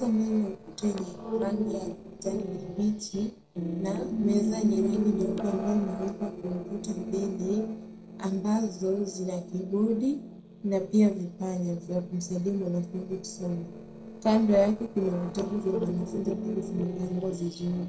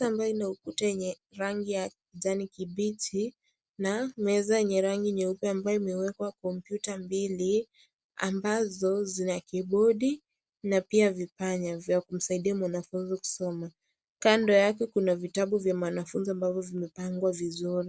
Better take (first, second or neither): second